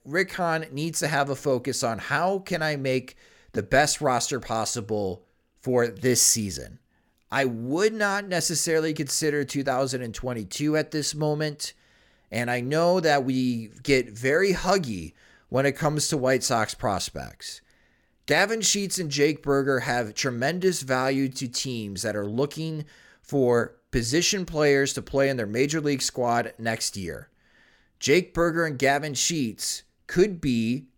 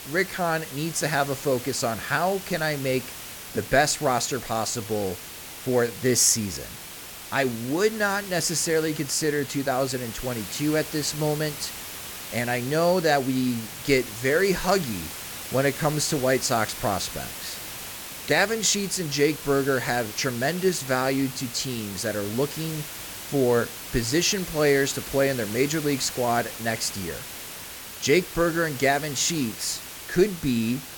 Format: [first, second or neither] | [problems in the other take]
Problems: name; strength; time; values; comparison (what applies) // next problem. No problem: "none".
first | hiss; noticeable; throughout; 10 dB below the speech